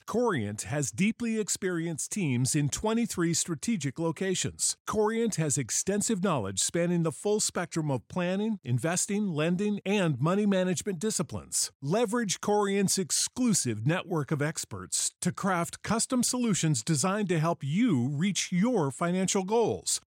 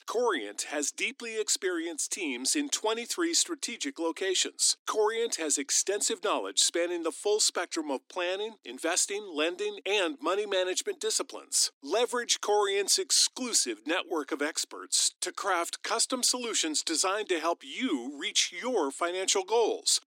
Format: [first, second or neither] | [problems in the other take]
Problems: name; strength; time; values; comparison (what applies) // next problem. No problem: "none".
first | thin; somewhat; fading below 250 Hz